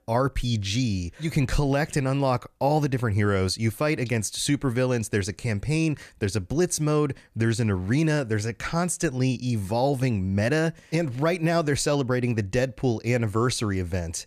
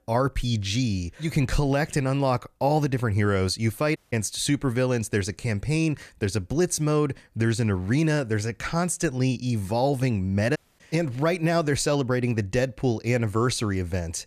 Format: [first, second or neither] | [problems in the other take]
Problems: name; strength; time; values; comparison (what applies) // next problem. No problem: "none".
first | audio cutting out; at 4 s and at 11 s